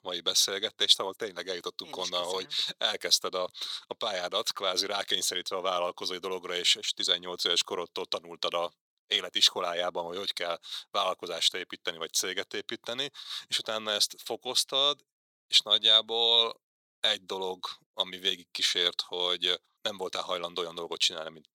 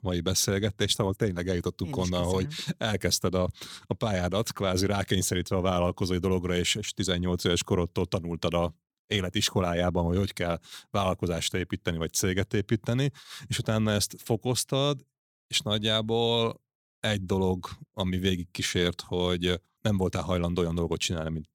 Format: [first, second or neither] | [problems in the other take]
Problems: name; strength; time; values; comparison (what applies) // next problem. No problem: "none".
second | thin; very; fading below 550 Hz